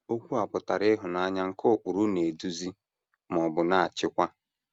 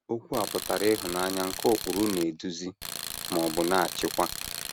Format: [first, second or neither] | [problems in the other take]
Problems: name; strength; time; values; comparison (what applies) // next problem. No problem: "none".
first | background sound (Tools); 7 dB below the speech